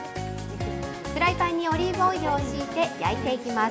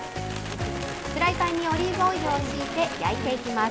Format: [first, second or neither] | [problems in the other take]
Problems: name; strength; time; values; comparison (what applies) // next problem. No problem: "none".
first | background sound (Bird); 11 dB below the speech